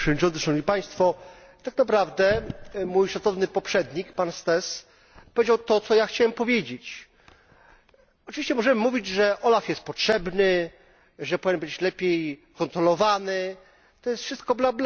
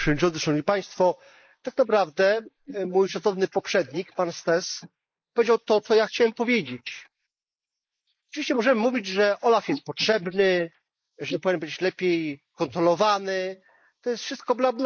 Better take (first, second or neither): first